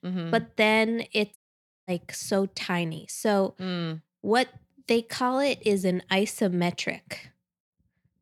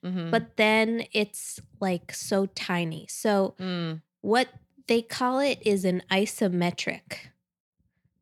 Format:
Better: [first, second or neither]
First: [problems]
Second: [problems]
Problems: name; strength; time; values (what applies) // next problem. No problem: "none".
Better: second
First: audio cutting out; at 1.5 s for 0.5 s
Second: none